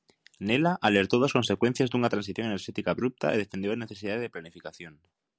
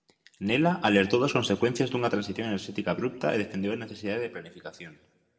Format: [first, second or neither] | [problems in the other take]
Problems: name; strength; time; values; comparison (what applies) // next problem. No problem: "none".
first | room echo; dies away in 1.1 s